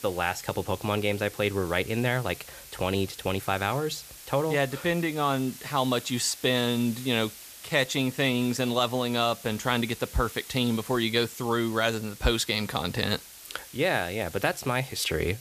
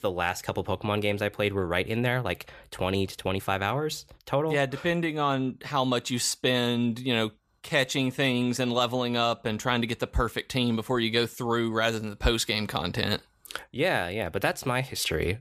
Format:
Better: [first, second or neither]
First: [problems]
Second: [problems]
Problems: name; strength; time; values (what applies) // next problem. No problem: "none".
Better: second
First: hiss; noticeable; throughout; 15 dB below the speech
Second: none